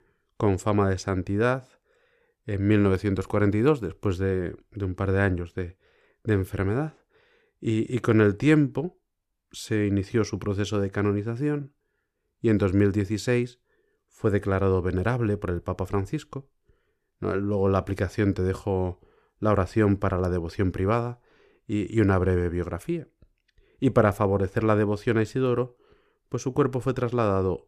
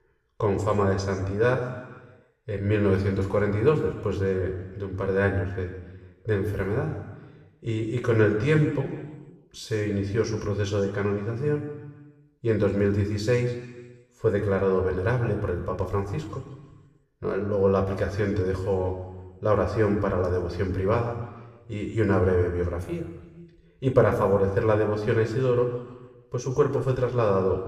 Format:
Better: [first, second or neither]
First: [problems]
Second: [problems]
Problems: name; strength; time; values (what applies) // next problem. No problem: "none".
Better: first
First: none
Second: room echo; noticeable; dies away in 1.2 s // off-mic speech; somewhat distant